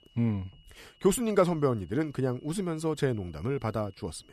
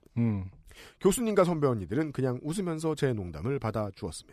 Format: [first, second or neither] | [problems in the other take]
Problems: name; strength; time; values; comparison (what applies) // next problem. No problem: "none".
second | high-pitched whine; faint; throughout; 3 kHz, 30 dB below the speech